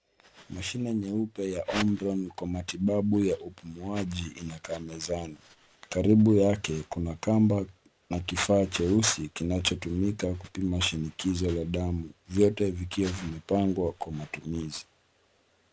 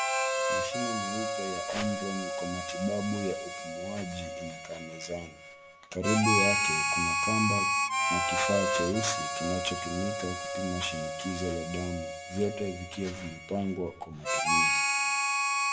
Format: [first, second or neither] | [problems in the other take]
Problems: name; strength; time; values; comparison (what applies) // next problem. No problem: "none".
first | background sound (Harmonica); 3 dB above the speech // room echo; dies away in 0.5 s